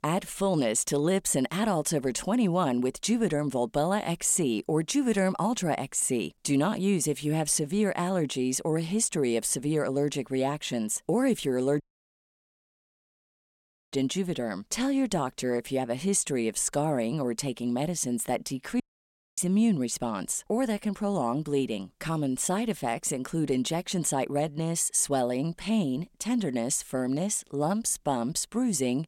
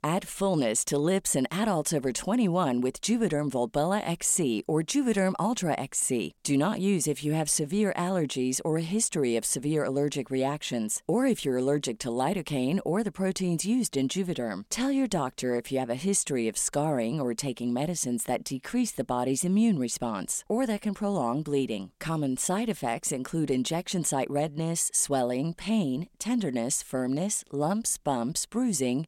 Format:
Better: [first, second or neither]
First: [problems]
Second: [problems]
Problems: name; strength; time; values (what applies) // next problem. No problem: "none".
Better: second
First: audio cutting out; at 12 s for 2 s and at 19 s for 0.5 s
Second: none